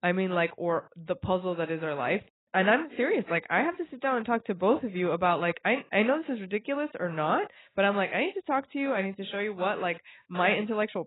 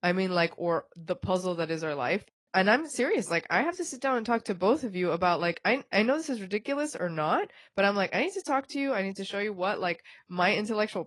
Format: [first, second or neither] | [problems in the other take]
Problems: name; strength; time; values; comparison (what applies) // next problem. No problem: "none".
second | garbled, watery; badly; nothing above 4 kHz; slightly in the second